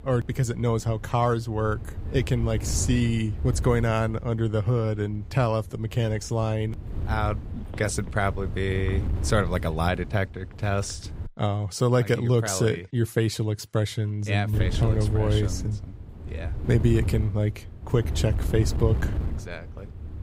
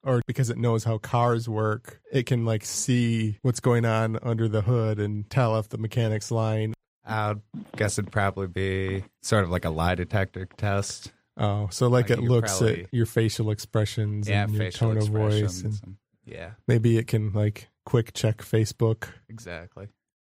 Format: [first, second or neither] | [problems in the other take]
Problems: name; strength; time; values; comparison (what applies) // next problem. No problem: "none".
second | wind noise on the microphone; occasional gusts; until 11 s and from 15 s on; 15 dB below the speech